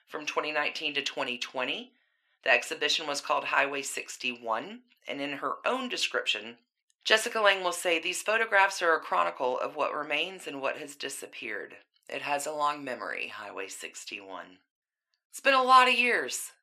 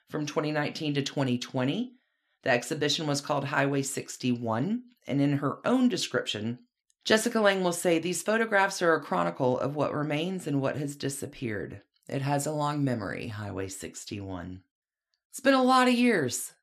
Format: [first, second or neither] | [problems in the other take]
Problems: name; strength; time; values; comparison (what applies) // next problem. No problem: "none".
second | thin; very; fading below 550 Hz